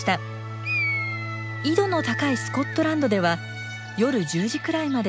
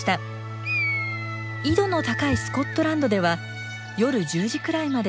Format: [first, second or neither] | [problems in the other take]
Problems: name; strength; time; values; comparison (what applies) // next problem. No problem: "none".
first | background sound (Walk, footsteps / Bird vocalization, bird call, bird song); 12 dB below the speech